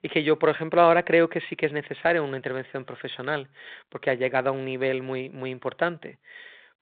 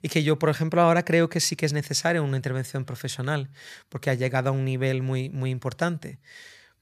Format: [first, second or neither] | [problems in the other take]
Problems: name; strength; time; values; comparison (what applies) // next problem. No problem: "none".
second | phone-call audio; nothing above 4 kHz